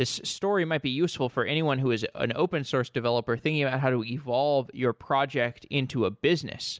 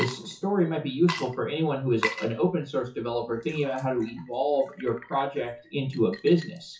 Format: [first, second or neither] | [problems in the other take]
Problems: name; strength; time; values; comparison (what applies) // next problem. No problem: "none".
first | noise reduction (classical method WPE with log-MMSE)